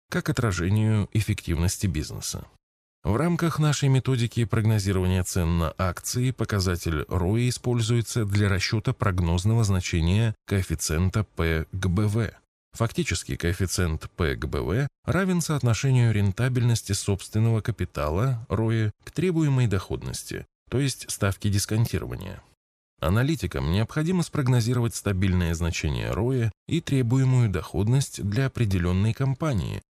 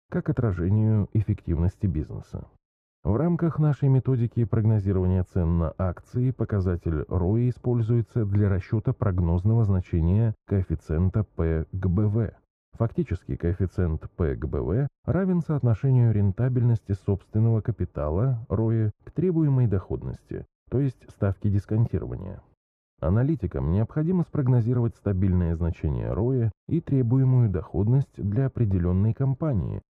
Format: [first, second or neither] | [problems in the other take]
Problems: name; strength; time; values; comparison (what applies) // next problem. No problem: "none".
first | muffled; very; fading above 2 kHz